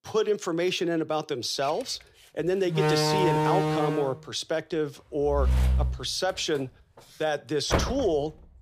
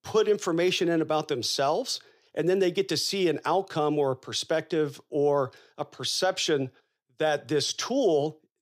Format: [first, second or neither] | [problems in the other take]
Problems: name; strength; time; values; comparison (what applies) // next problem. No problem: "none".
second | door banging; loud; from 2.5 to 8 s; peak 4 dB above the speech